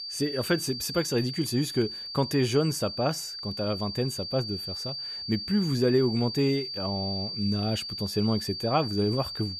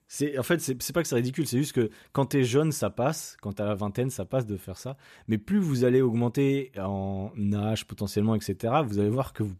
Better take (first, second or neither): second